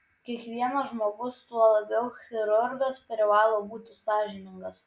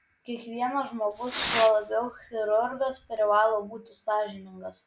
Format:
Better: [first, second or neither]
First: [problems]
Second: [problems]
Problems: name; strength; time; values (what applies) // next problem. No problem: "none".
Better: first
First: none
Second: background sound (Fireworks); 9 dB below the speech